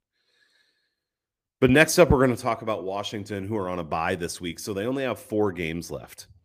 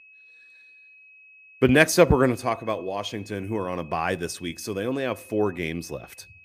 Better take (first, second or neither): first